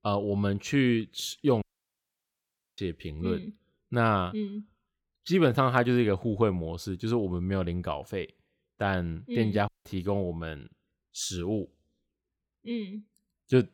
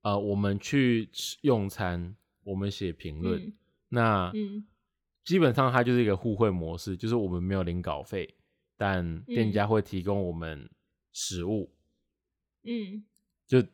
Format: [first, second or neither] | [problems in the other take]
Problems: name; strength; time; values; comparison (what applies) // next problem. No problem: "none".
second | audio cutting out; at 1.5 s for 1 s and at 9.5 s